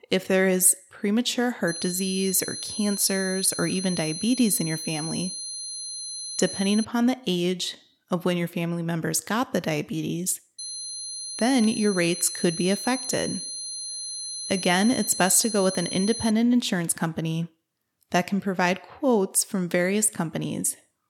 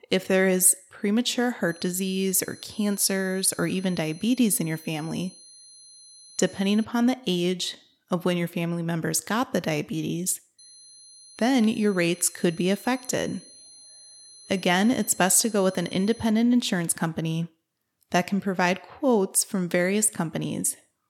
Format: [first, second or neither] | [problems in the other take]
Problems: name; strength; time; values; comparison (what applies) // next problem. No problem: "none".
second | high-pitched whine; loud; from 1.5 to 7 s and from 11 to 16 s; 4 kHz, 7 dB below the speech; faint in the second